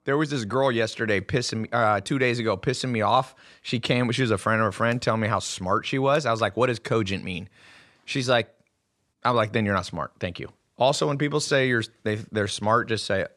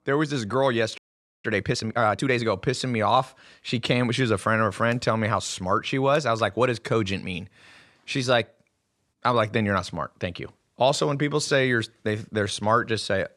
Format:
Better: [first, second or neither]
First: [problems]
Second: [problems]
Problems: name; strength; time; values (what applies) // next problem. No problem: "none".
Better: first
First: none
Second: audio freezing; at 1 s